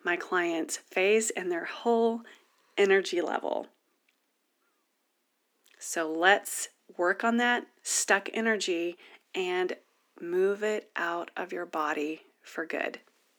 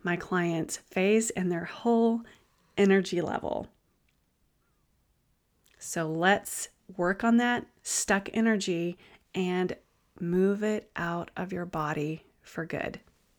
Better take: second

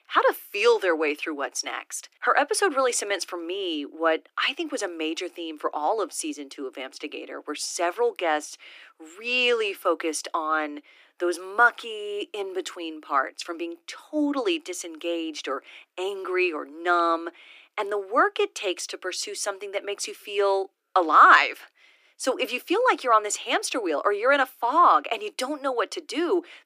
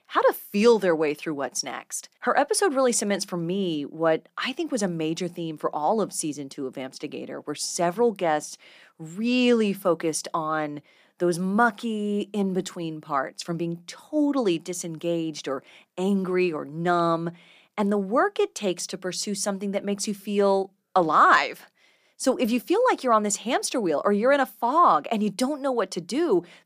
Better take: second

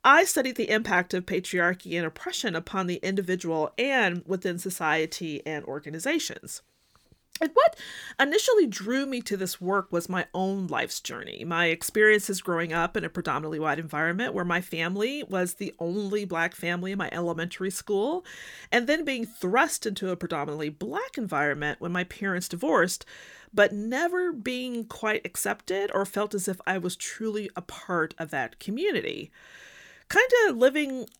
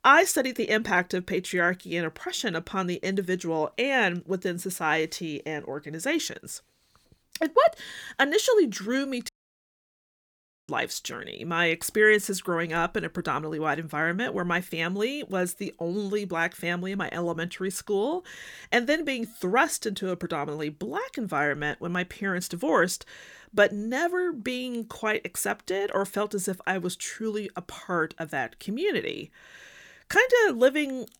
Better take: first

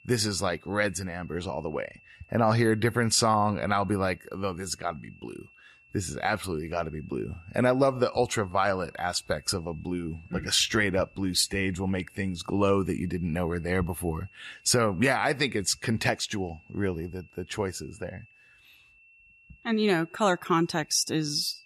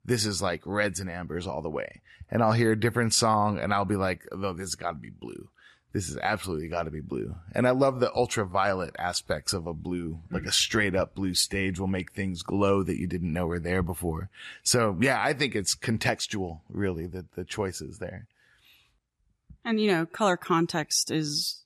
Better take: second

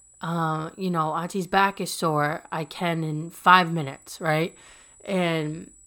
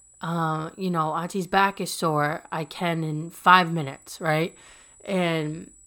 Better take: neither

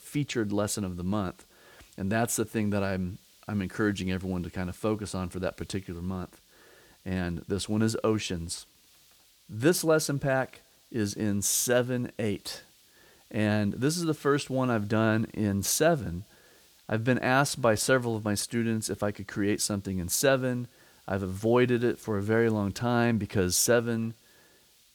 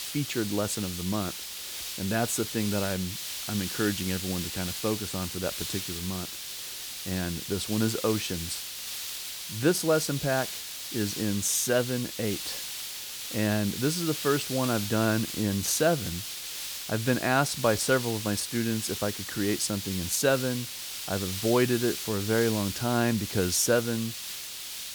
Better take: first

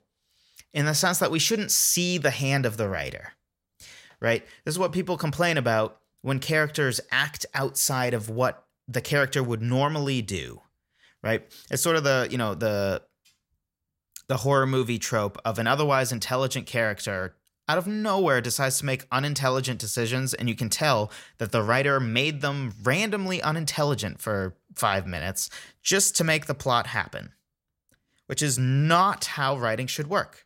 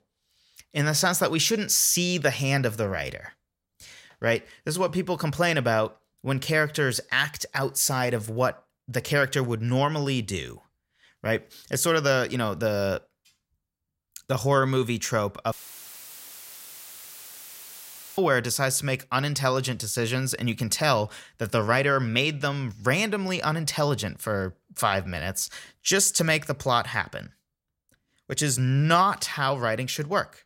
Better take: first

